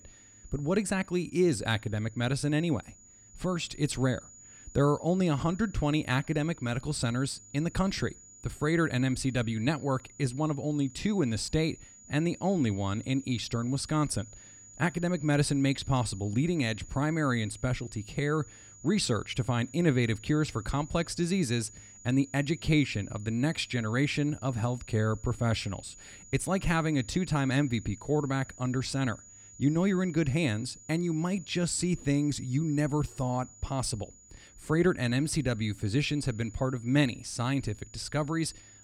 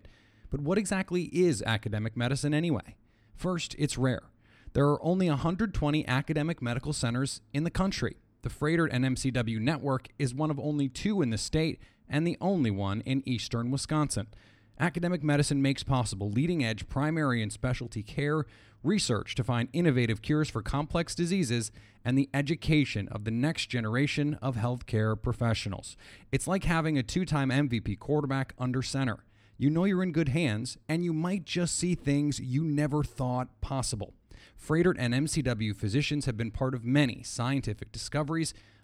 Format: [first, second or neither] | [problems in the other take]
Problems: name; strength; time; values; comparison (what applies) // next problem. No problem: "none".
second | high-pitched whine; faint; throughout; 7 kHz, 20 dB below the speech